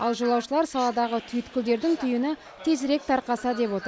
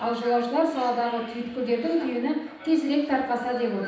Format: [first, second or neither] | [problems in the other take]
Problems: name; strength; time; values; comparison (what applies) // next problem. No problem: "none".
first | room echo; dies away in 0.9 s